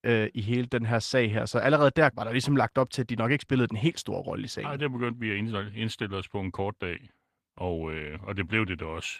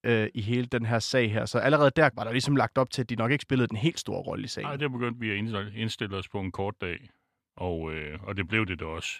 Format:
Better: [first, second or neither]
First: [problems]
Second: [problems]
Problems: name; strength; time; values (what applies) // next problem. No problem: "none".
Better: second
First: garbled, watery; slightly; nothing above 14.5 kHz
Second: none